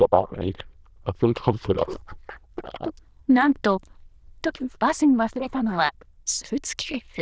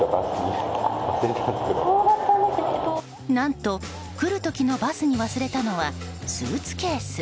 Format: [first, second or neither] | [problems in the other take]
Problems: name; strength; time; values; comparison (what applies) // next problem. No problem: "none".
second | noise reduction (neural diffusion model UNIVERSE++)